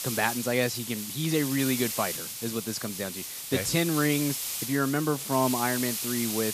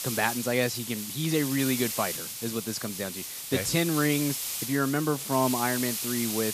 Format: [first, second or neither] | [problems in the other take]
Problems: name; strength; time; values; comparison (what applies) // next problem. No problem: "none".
neither | hiss; loud; throughout; 3 dB below the speech; the same in both